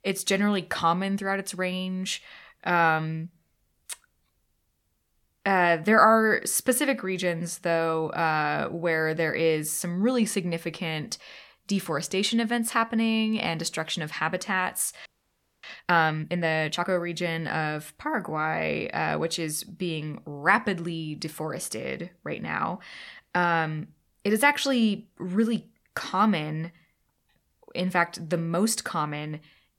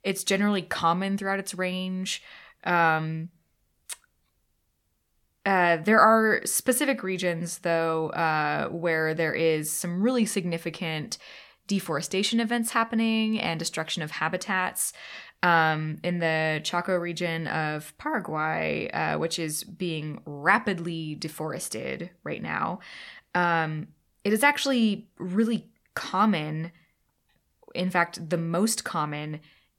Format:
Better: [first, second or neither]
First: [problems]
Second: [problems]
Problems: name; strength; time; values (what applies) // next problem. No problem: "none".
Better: second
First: audio freezing; at 15 s for 0.5 s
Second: none